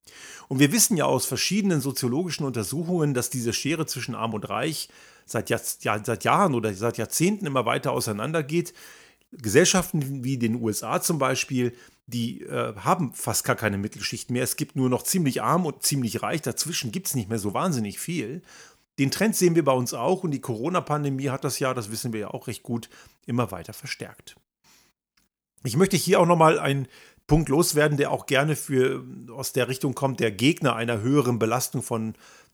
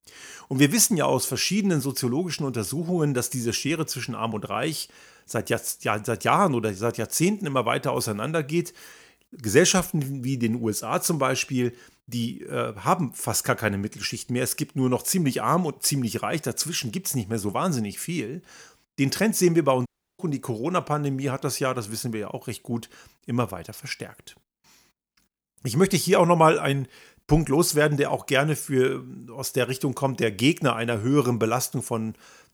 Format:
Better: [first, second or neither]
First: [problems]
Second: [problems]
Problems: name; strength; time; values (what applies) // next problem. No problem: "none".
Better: first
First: none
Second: audio cutting out; at 20 s